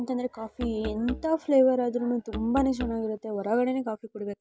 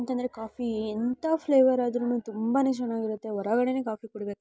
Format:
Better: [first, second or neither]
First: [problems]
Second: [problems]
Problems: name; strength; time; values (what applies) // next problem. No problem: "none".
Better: second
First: background sound (Musical instrument); 13 dB below the speech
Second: none